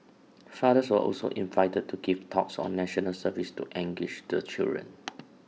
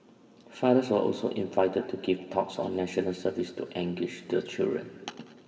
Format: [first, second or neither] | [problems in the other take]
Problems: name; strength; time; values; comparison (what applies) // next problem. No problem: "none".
first | room echo; dies away in 2 s